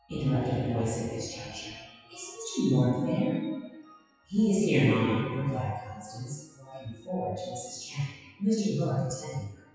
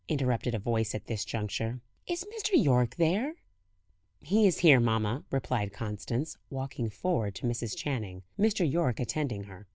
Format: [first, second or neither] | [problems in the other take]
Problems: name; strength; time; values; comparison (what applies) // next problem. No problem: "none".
second | noise reduction (classical method WPE with log-MMSE)